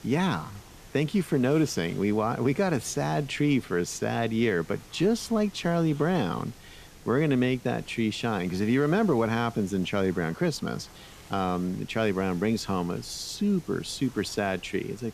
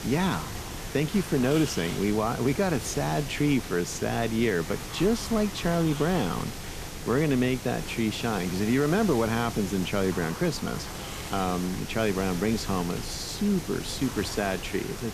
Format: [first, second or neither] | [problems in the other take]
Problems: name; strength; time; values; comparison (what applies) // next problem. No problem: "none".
first | hiss; loud; throughout; 9 dB below the speech; faint in the first